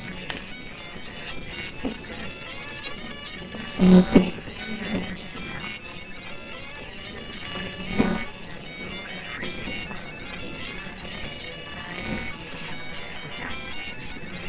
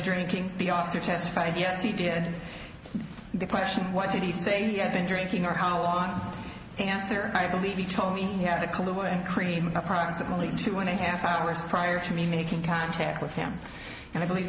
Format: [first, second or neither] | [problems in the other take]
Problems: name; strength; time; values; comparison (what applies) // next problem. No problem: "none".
second | noise reduction (neural separator model SepFormer WHAMR!)